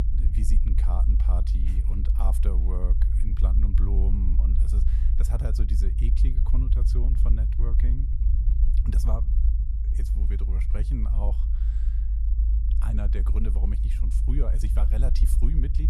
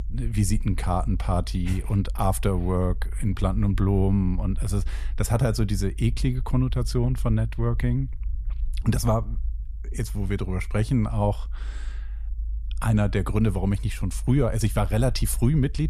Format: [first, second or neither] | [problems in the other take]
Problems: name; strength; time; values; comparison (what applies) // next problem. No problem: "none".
second | low rumble; loud; throughout; 3 dB below the speech; faint in the second